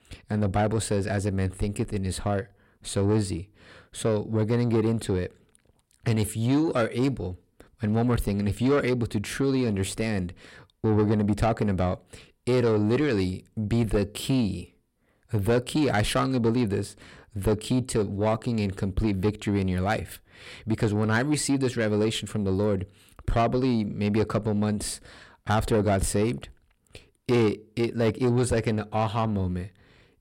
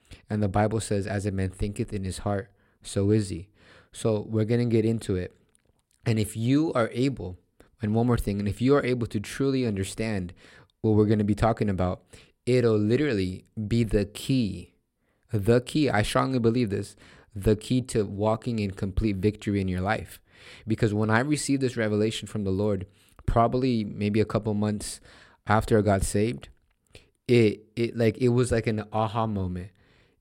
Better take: second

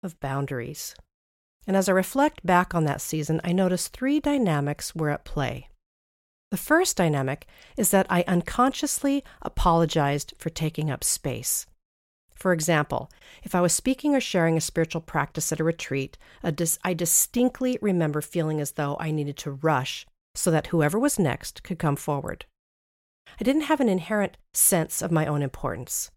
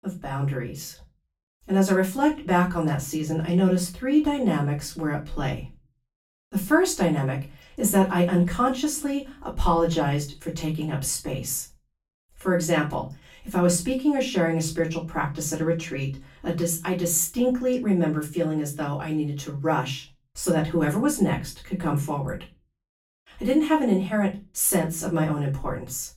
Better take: first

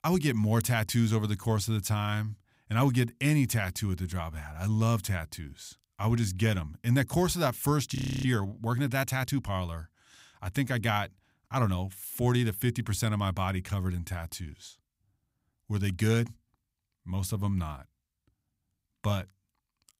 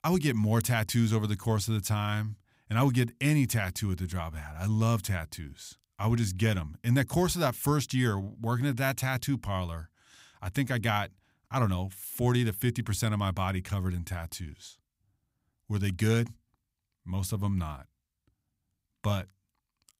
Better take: second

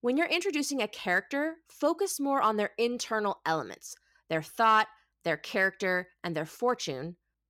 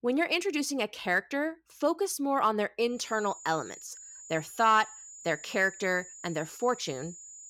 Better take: first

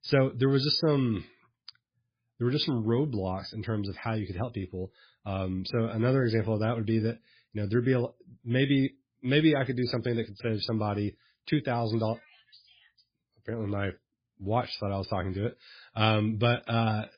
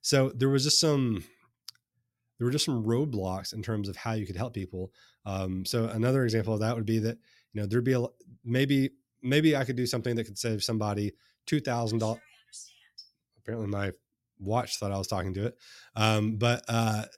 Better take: second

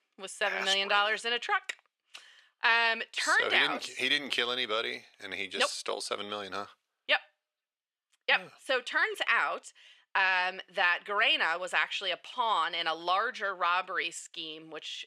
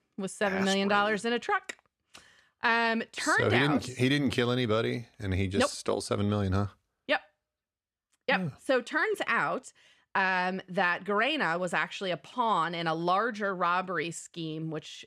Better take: second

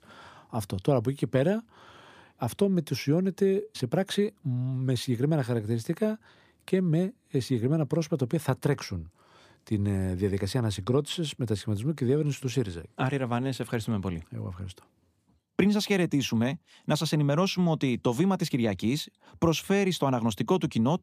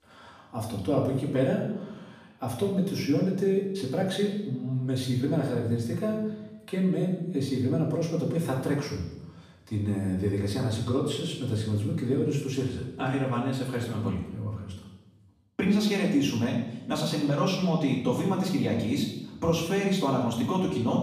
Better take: first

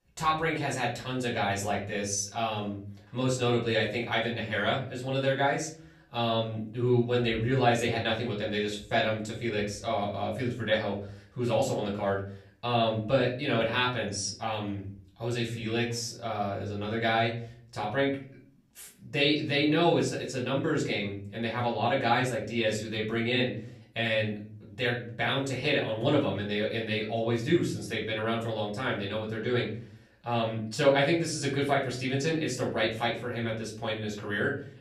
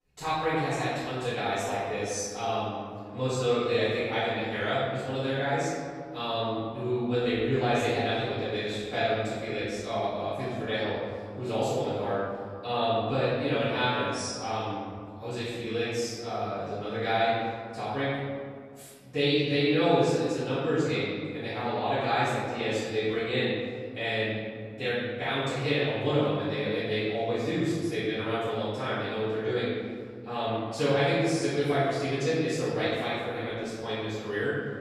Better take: first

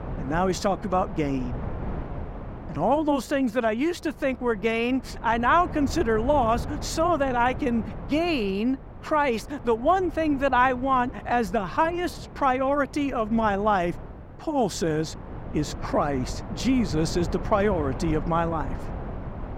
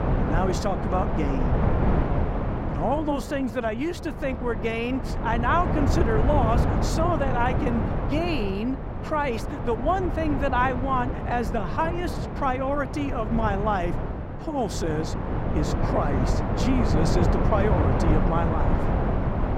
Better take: first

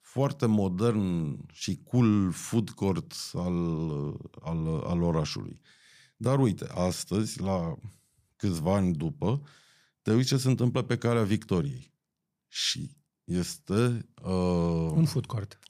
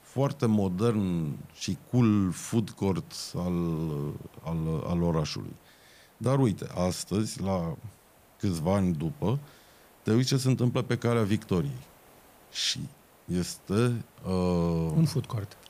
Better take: first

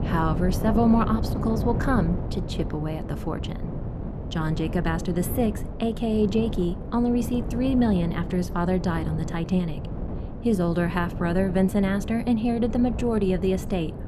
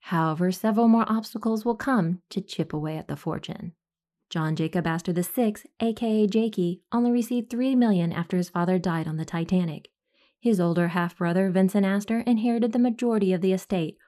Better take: second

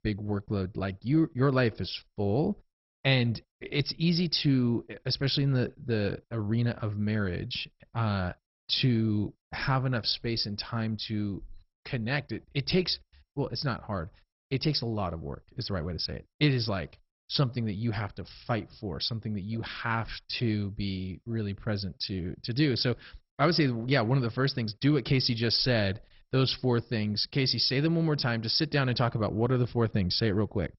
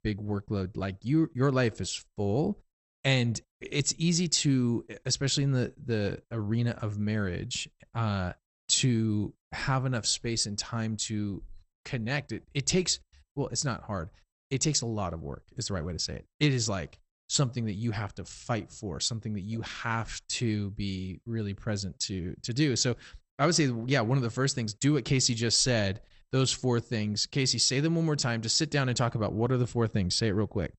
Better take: second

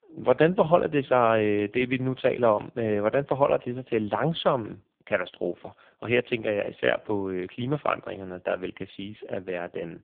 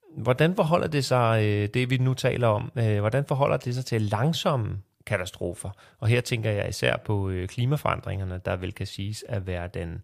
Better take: second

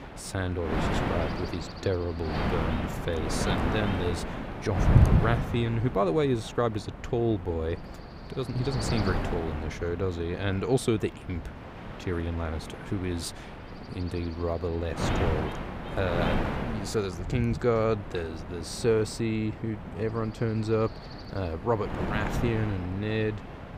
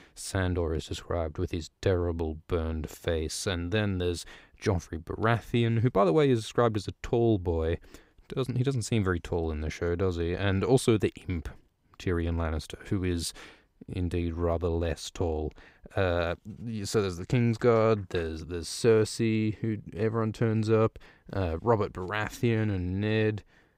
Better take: second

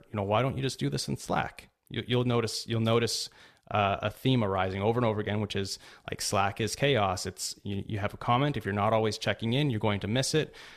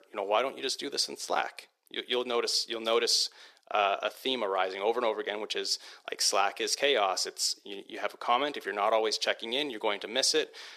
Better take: first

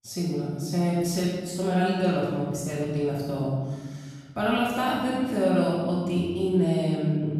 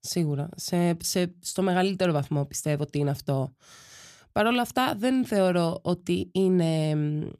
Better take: second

